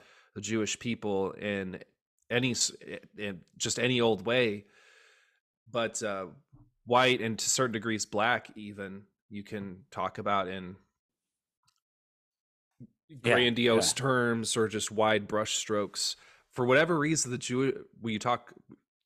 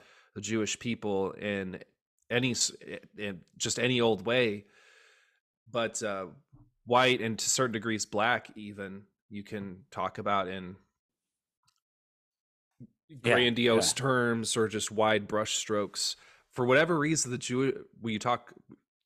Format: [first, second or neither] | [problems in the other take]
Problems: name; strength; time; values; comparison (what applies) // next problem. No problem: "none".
neither | none